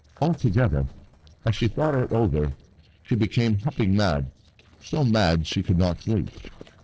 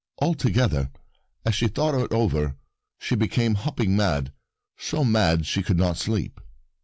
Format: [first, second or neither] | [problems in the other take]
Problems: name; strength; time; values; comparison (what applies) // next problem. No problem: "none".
second | noise reduction (neural separator model SepFormer DNS4)